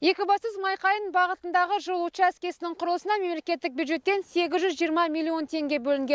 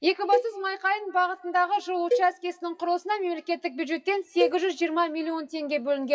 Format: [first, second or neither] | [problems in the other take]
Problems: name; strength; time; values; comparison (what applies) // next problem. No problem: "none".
first | noise reduction (classical method WPE with log-MMSE)